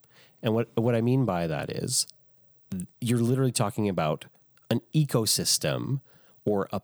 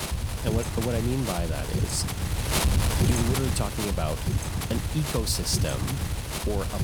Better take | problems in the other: first | wind noise on the microphone; heavy; as loud as the speech

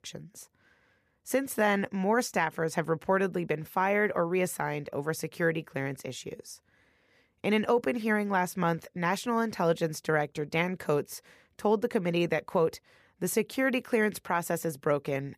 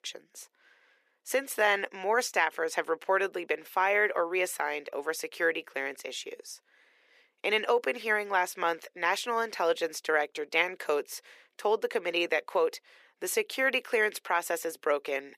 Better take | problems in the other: first | thin; very; fading below 350 Hz

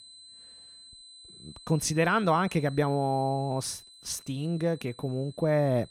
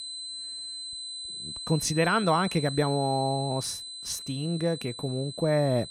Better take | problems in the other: first | high-pitched whine; loud; throughout; 4 kHz, 8 dB below the speech; faint in the first

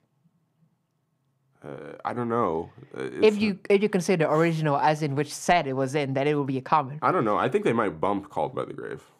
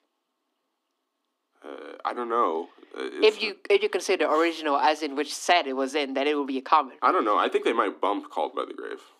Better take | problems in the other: first | thin; somewhat; fading below 250 Hz

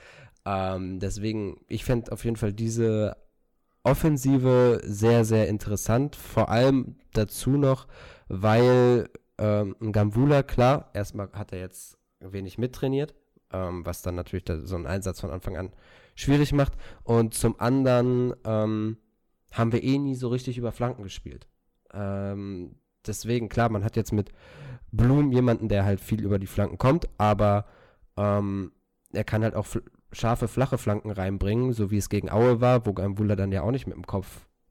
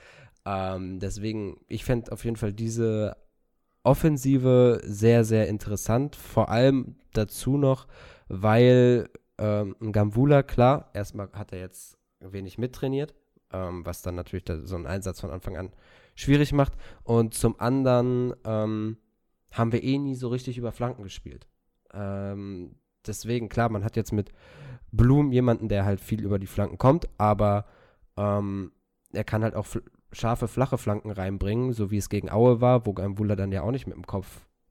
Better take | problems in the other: second | distortion; slight; 3% of the sound clipped

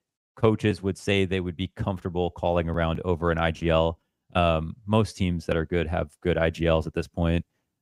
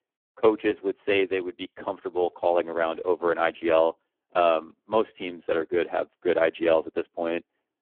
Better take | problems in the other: first | phone-call audio; poor line

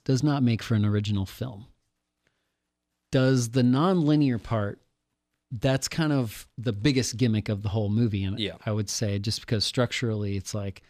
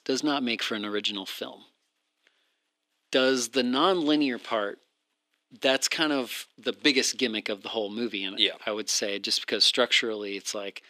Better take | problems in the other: first | thin; somewhat; fading below 300 Hz

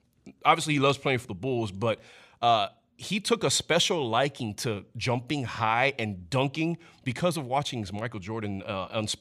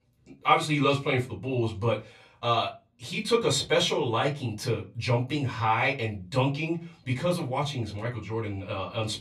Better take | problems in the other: first | off-mic speech; far // room echo; very slight; dies away in 0.2 s

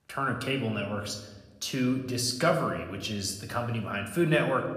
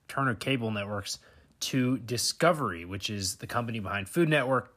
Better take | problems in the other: second | room echo; slight; dies away in 0.9 s

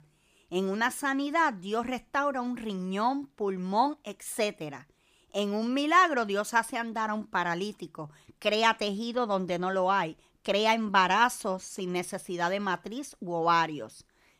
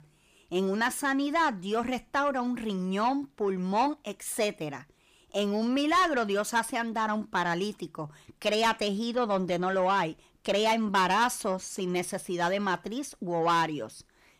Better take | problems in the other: first | distortion; slight; 10 dB below the speech

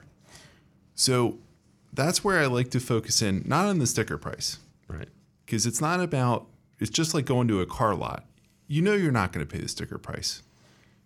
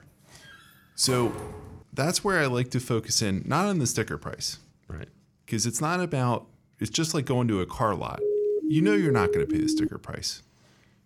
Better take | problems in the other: first | door banging; noticeable; until 2 s; peak 9 dB below the speech // siren; loud; from 8 to 10 s; peak 1 dB above the speech

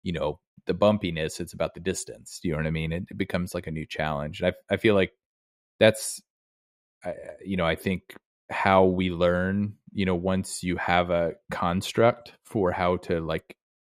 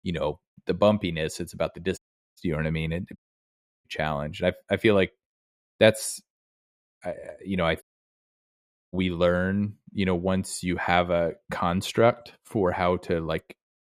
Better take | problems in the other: first | audio cutting out; at 2 s, at 3 s for 0.5 s and at 8 s for 1 s

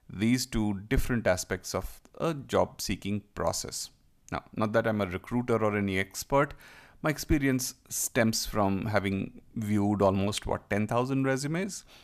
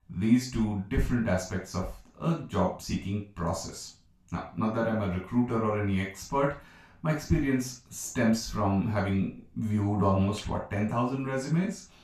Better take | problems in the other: first | room echo; noticeable; dies away in 0.3 s // off-mic speech; far

